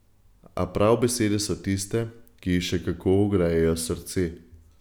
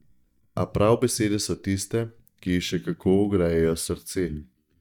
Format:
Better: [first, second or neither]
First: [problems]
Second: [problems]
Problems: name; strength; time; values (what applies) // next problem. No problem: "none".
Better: first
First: none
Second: noise reduction (neural mask model DeepFilterNet 3)